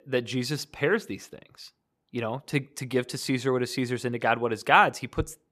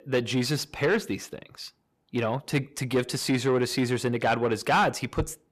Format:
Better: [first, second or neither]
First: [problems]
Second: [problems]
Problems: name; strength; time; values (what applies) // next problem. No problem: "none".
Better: first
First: none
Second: distortion; heavy; 7 dB below the speech